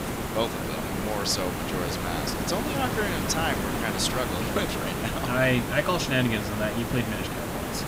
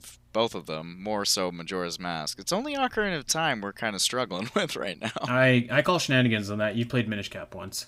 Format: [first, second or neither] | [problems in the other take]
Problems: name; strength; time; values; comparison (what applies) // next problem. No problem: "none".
second | hiss; loud; throughout; 1 dB below the speech